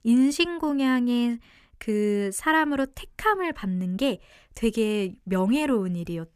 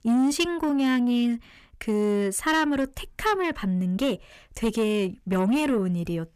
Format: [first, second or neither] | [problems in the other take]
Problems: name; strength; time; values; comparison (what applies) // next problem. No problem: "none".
first | distortion; slight; 10 dB below the speech